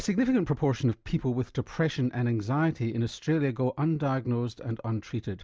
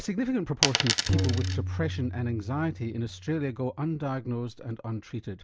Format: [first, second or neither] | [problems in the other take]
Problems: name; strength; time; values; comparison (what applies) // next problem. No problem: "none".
first | background sound (Tabla + Coin (dropping)); as loud as the speech